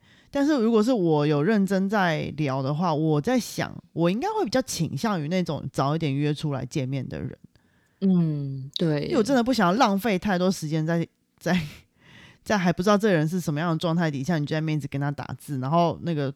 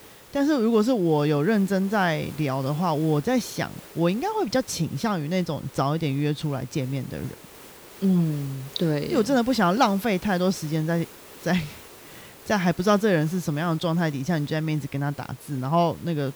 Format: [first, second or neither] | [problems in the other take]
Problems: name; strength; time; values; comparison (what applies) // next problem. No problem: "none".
first | hiss; noticeable; throughout; 20 dB below the speech